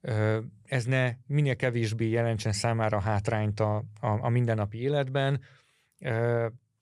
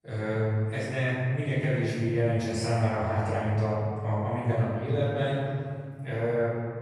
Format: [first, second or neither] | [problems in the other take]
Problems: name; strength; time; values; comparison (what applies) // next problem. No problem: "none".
first | room echo; strong; dies away in 2 s // off-mic speech; far